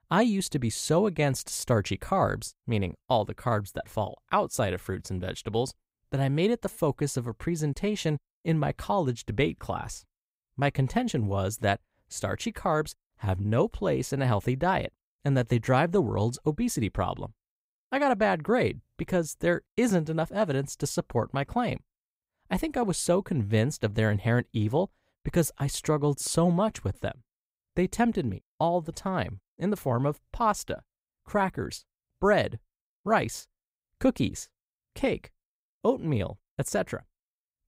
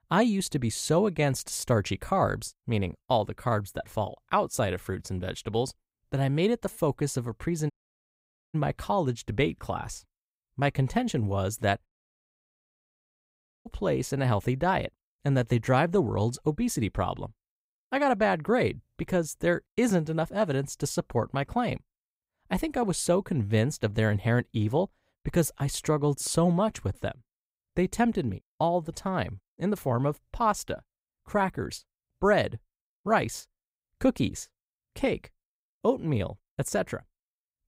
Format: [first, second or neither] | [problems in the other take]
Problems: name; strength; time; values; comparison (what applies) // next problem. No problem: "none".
first | audio cutting out; at 7.5 s for 1 s and at 12 s for 2 s